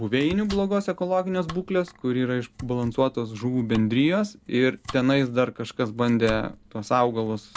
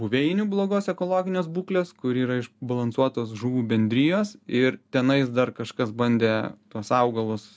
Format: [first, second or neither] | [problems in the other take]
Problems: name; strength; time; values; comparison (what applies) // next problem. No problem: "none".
second | background sound (Domestic sounds, home sounds); 20 dB below the speech